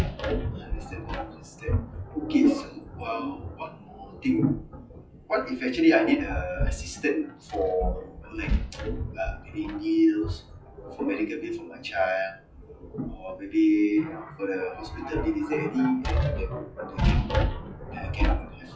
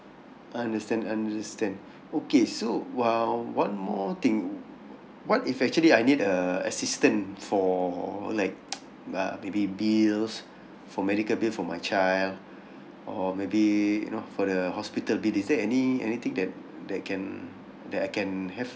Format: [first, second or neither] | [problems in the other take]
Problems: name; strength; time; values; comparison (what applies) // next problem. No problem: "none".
second | noise reduction (classical method WPE with log-MMSE)